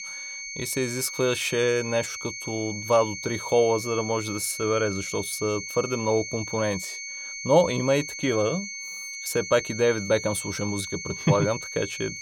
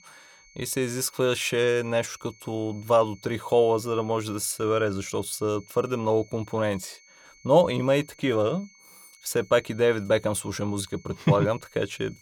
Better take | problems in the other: second | high-pitched whine; loud; throughout; 2 kHz, 8 dB below the speech; faint in the second

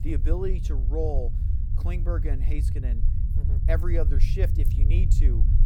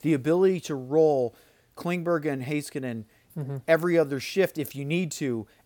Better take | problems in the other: second | low rumble; loud; throughout; 7 dB below the speech

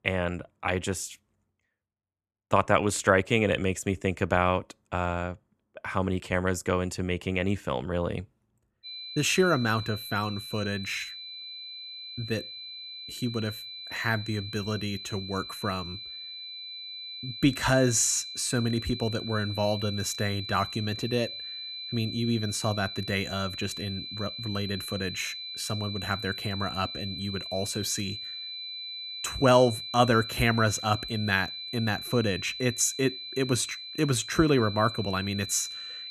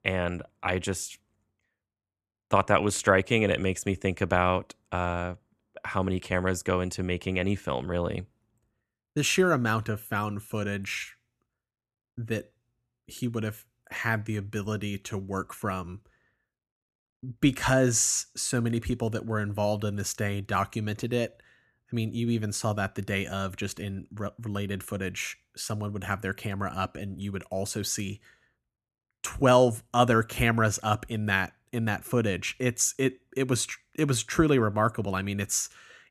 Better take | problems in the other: second | high-pitched whine; loud; from 9 s on; 4 kHz, 8 dB below the speech

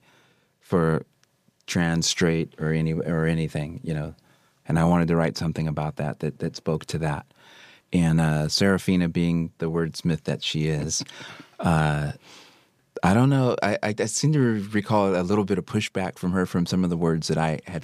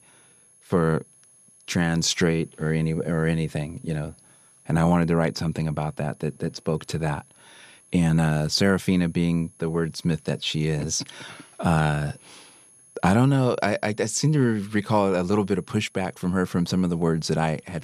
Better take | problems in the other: first | high-pitched whine; faint; throughout; 11 kHz, 30 dB below the speech

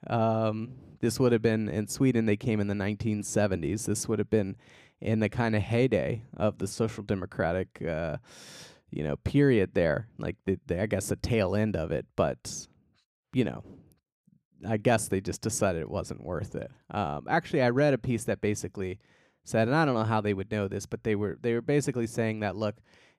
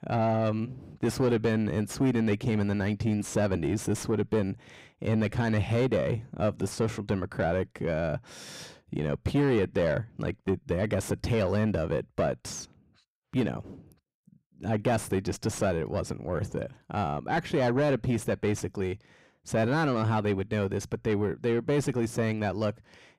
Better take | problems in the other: first | distortion; slight; 9 dB below the speech

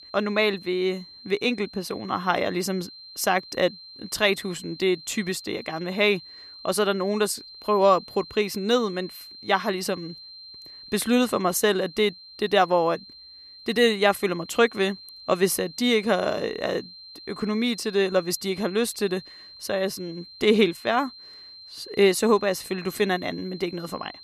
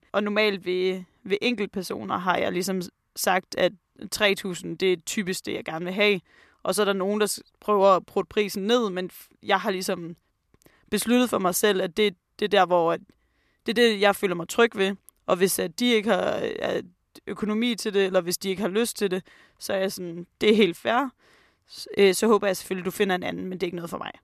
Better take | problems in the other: second | high-pitched whine; noticeable; throughout; 4 kHz, 15 dB below the speech

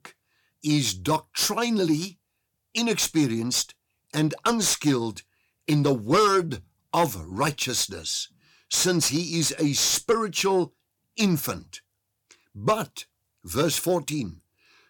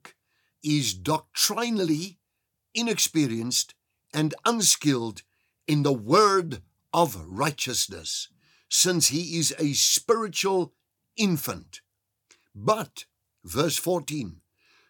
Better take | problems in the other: second | distortion; slight; 10 dB below the speech

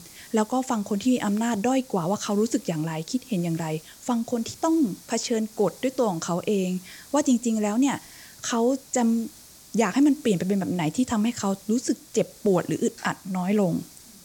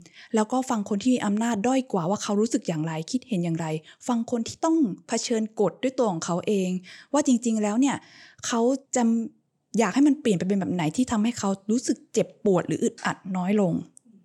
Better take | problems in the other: second | hiss; faint; throughout; 20 dB below the speech

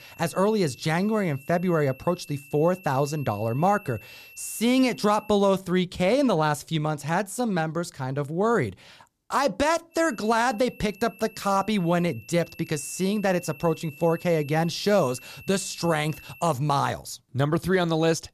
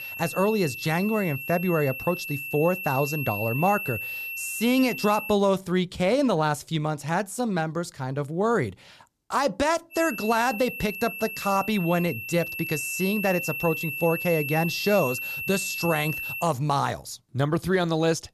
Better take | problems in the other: first | high-pitched whine; loud; until 5.5 s and from 10 to 16 s; 2.5 kHz, 6 dB below the speech; faint in the first

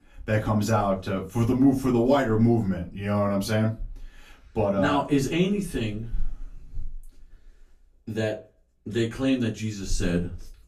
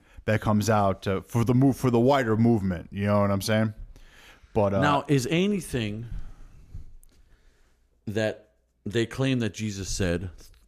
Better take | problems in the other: second | off-mic speech; far // room echo; very slight; dies away in 0.2 s

